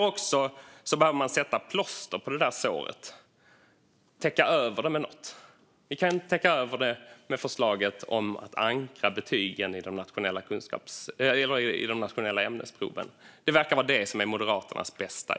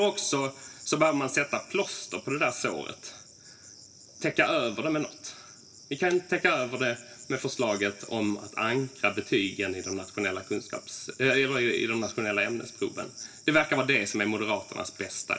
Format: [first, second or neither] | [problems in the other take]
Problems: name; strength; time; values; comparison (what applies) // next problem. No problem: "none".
first | background sound (Cricket); 18 dB below the speech // room echo; dies away in 0.2 s